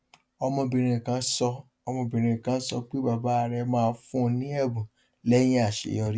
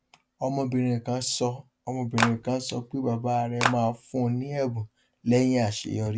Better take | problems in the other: first | background sound (Clapping); as loud as the speech

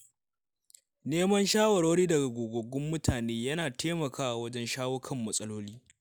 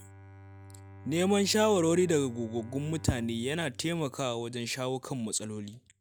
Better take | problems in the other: first | background sound (Bowed string instrument); 19 dB below the speech

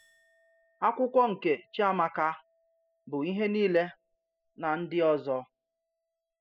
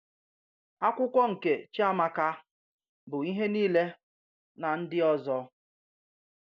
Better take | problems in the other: second | noise reduction (classical method spectral subtraction)

